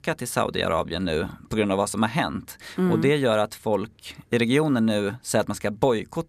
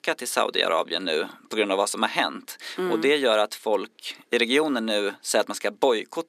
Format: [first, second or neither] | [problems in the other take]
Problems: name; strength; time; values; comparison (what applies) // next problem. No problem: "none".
first | thin; somewhat; fading below 300 Hz